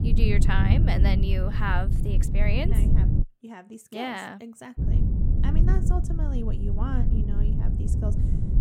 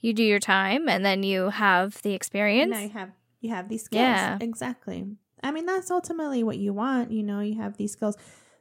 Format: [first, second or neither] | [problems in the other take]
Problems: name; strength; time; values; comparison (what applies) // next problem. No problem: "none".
second | low rumble; loud; until 3 s and from 5 s on; 4 dB below the speech